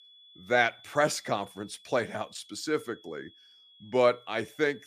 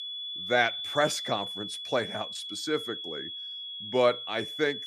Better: first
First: high-pitched whine; faint; throughout; 3.5 kHz, 25 dB below the speech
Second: high-pitched whine; loud; throughout; 3.5 kHz, 6 dB below the speech

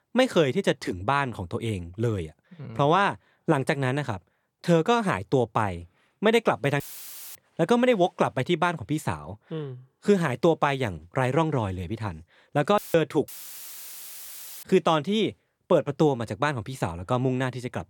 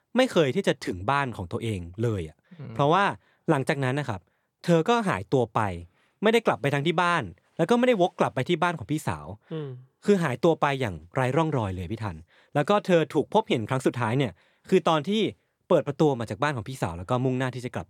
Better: second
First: audio cutting out; filled with static; at 7 s for 0.5 s and at 13 s for 1.5 s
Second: none

